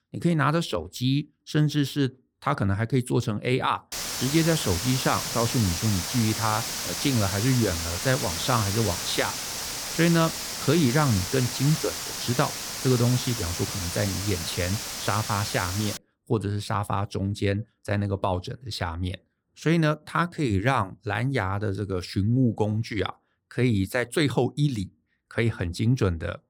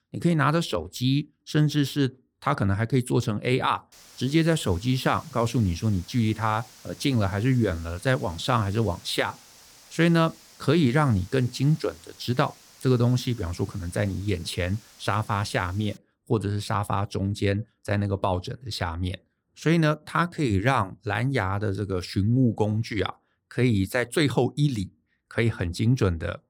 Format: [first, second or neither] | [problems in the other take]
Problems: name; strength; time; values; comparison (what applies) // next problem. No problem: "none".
second | hiss; loud; from 4 to 16 s; 3 dB below the speech; faint in the second